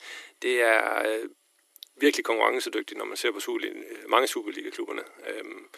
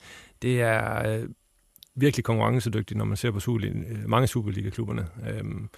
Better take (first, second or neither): second